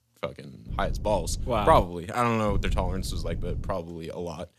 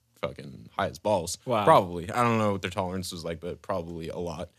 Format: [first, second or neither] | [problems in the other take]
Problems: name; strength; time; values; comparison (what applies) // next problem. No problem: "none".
second | wind noise on the microphone; occasional gusts; from 0.5 to 2 s and from 2.5 to 3.5 s; 20 dB below the speech